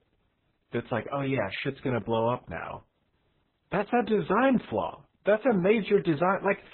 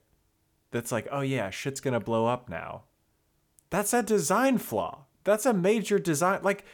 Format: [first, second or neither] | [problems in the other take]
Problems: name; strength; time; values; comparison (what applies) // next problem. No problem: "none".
second | garbled, watery; badly; nothing above 4 kHz